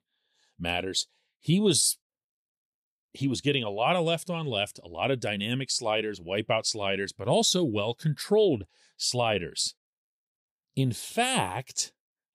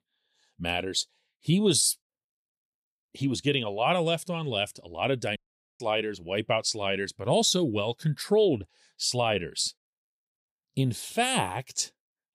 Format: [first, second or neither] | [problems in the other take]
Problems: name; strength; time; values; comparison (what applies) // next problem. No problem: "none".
first | audio cutting out; at 5.5 s